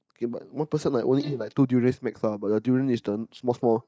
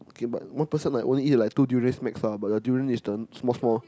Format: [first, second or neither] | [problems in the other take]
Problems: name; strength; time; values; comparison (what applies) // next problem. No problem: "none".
second | noise reduction (neural mask model DeepFilterNet 3)